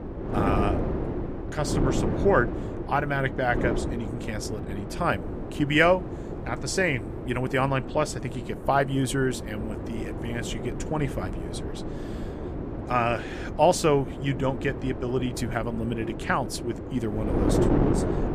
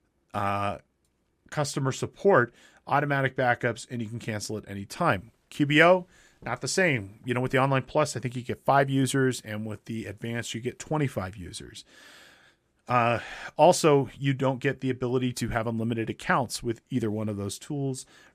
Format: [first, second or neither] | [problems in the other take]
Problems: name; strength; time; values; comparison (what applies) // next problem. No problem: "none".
second | wind noise on the microphone; heavy; 8 dB below the speech